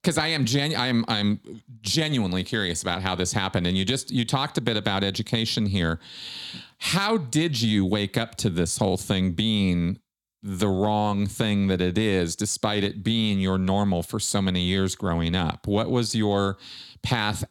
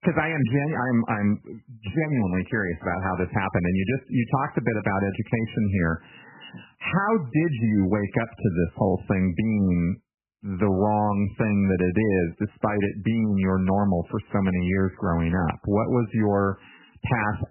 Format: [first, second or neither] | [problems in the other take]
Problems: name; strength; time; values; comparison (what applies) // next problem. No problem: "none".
first | garbled, watery; badly; nothing above 3 kHz